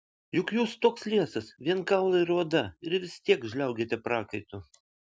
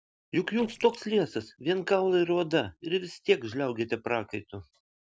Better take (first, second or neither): first